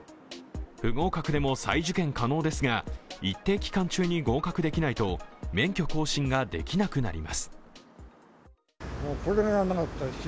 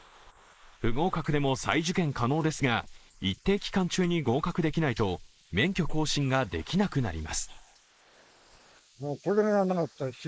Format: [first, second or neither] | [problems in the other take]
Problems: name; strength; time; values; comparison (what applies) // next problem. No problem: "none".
first | noise reduction (neural mask model Resemble Enhance denoiser)